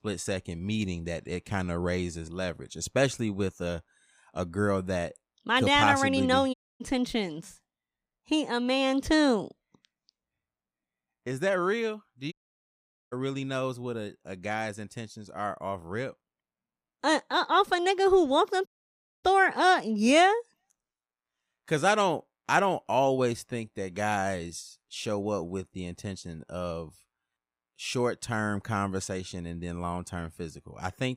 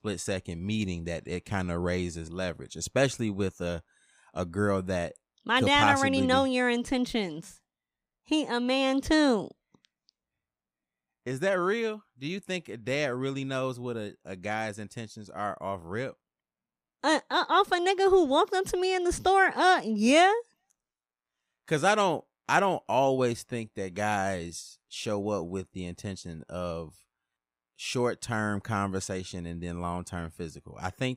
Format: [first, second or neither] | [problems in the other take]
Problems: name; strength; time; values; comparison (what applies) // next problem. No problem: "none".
second | audio cutting out; at 6.5 s, at 12 s for 1 s and at 19 s for 0.5 s